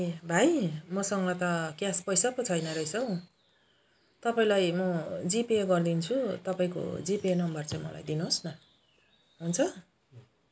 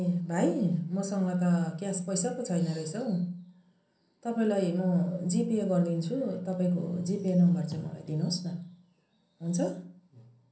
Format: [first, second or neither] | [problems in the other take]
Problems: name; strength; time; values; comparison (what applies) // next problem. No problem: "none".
first | room echo; dies away in 0.6 s